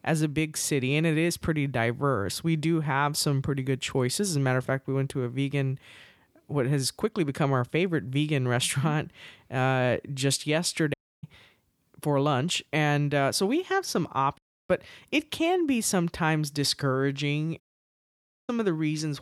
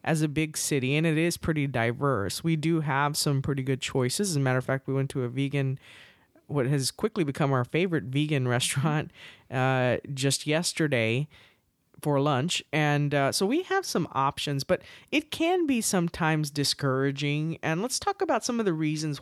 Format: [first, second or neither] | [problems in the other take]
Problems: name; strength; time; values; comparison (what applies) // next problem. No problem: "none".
second | audio cutting out; at 11 s, at 14 s and at 18 s for 1 s